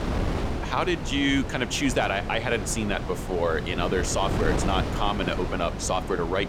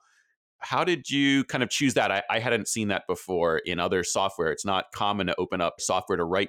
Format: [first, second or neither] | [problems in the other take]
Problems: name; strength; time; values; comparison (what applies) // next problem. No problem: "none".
second | wind noise on the microphone; heavy; 8 dB below the speech